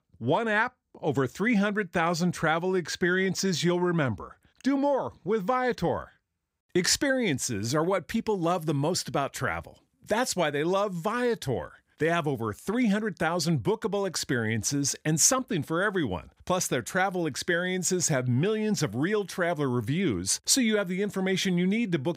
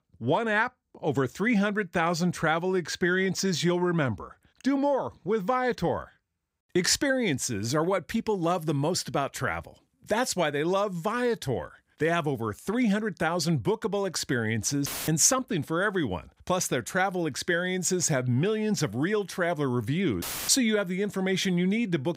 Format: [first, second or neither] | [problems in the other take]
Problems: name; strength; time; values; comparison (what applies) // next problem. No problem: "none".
first | audio cutting out; filled with static; at 15 s and at 20 s